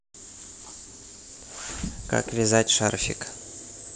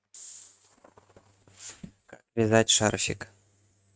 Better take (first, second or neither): first